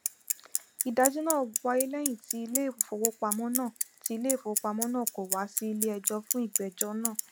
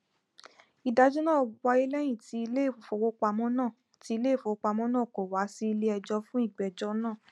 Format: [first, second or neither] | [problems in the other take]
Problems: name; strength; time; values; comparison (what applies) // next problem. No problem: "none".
second | background sound (Bicycle); 3 dB below the speech